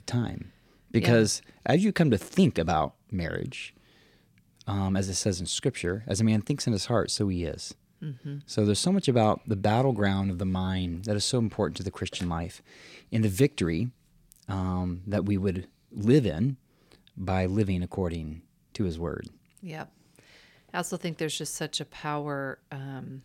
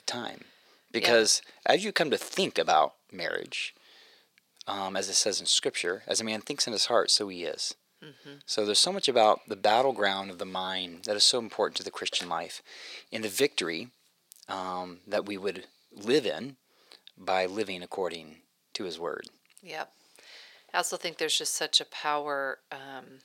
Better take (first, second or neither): first